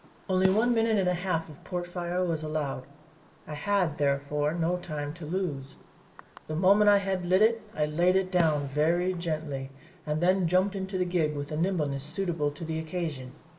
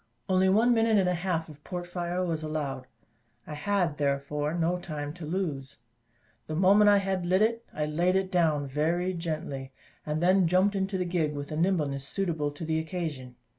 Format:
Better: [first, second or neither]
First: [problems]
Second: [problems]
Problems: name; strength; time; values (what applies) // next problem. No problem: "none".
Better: second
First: background sound (Fireworks); 19 dB below the speech // room echo; dies away in 1 s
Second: none